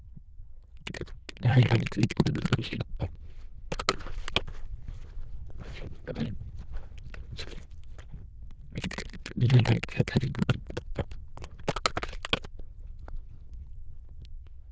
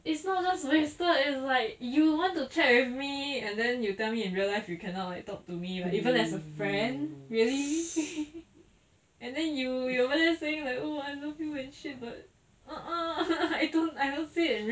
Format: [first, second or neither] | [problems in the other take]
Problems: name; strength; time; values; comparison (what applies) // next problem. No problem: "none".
second | noise reduction (neural diffusion model UNIVERSE++)